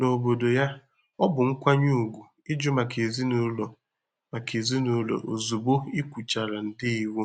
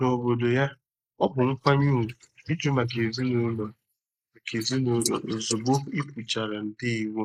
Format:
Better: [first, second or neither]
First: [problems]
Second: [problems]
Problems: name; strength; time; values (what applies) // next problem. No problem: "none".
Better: first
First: none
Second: noise reduction (neural mask model Resemble Enhance denoiser)